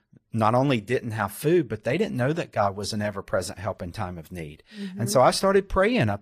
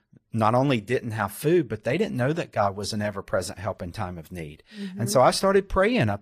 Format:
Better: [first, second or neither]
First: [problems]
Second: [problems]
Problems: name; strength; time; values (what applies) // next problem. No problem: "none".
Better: neither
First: garbled, watery; slightly; nothing above 15 kHz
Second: garbled, watery; slightly; nothing above 15 kHz